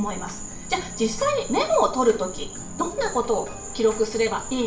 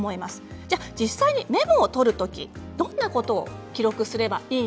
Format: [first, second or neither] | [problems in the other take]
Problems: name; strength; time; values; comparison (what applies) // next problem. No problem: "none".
second | background sound (Insect); 11 dB below the speech // room echo; dies away in 0.4 s